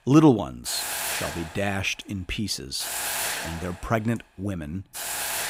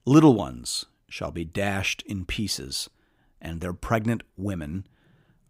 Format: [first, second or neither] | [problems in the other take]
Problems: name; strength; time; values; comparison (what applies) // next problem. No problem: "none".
second | hiss; loud; throughout; 3 dB below the speech